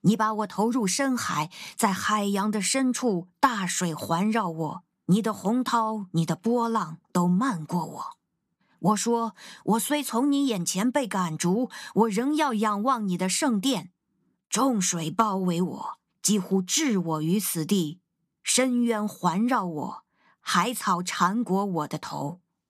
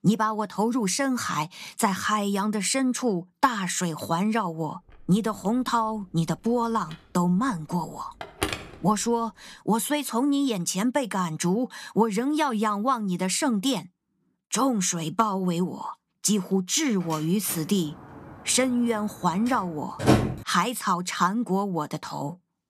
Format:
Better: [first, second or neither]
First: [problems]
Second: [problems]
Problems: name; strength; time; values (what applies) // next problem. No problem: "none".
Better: first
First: none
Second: phone ringing; noticeable; from 7 to 8.5 s; peak 4 dB below the speech // door banging; loud; from 18 to 20 s; peak 4 dB above the speech